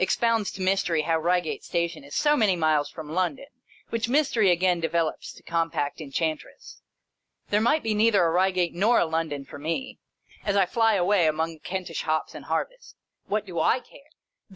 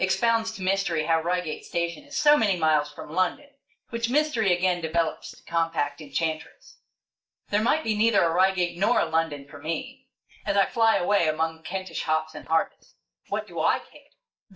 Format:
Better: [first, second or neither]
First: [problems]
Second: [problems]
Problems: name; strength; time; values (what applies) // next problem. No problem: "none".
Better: first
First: none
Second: noise reduction (neural mask model DeepFilterNet 3)